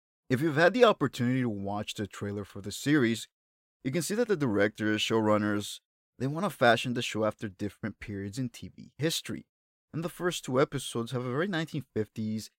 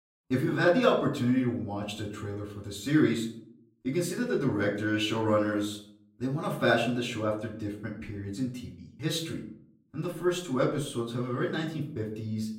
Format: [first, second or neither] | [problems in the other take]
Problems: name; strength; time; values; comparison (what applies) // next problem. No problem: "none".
first | off-mic speech; far // room echo; slight; dies away in 0.5 s